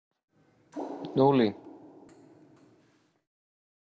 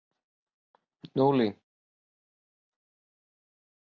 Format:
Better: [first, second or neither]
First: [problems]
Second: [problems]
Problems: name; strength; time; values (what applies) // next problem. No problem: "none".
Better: second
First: background sound (Water); 13 dB below the speech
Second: none